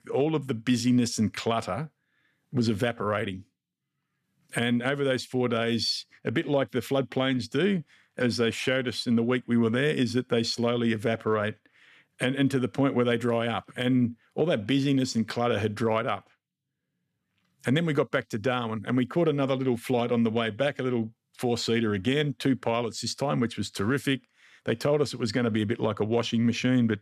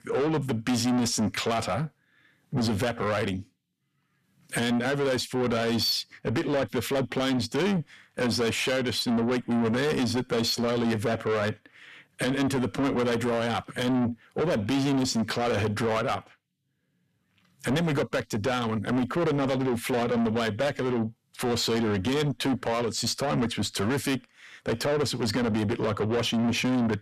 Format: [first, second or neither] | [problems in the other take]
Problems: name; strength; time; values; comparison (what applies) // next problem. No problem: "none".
first | distortion; heavy; 7 dB below the speech